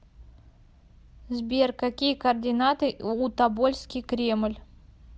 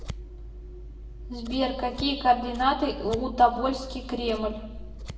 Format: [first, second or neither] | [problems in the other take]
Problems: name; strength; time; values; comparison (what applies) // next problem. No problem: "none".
first | background sound (Scissors); 11 dB below the speech // room echo; dies away in 0.8 s